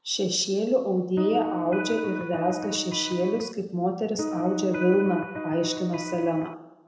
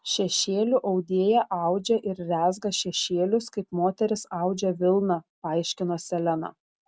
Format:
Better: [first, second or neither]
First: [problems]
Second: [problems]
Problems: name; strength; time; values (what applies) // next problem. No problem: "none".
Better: second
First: background sound (Electric guitar); 6 dB below the speech // room echo; dies away in 0.7 s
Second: none